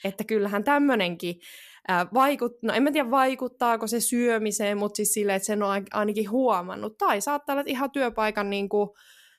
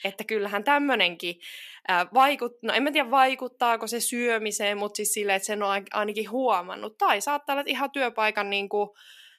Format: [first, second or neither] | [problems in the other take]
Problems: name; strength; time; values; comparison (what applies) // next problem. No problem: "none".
first | thin; very slightly; fading below 250 Hz